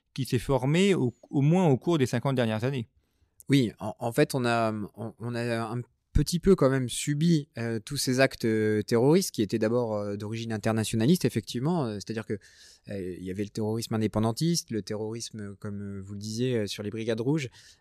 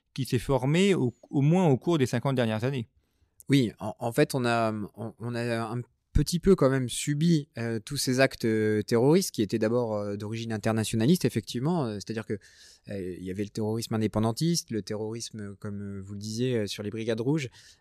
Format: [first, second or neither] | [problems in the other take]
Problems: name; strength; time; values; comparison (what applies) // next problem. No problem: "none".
neither | none